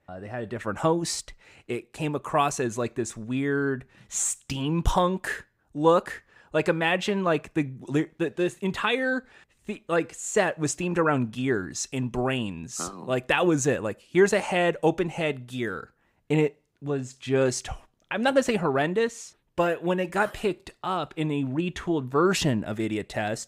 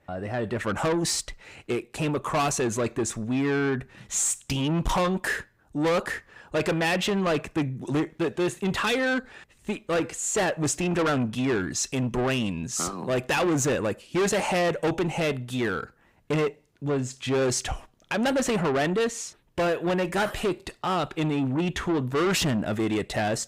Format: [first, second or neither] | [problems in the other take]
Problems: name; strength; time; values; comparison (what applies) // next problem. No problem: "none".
first | distortion; heavy; 7 dB below the speech